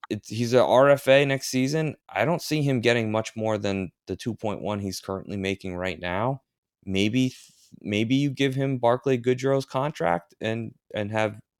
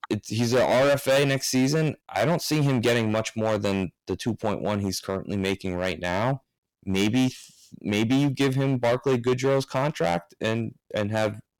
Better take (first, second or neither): first